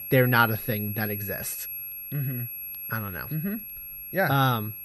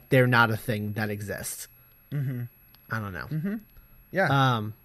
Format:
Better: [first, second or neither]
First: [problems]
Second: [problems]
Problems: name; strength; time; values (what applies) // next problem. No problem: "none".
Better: second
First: high-pitched whine; loud; throughout; 11.5 kHz, 7 dB below the speech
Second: high-pitched whine; faint; throughout; 11.5 kHz, 30 dB below the speech